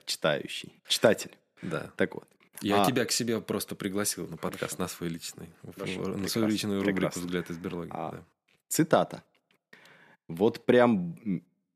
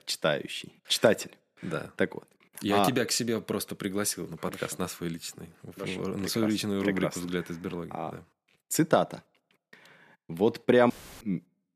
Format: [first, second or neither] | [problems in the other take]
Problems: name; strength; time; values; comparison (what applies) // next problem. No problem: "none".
first | audio cutting out; filled with static; at 11 s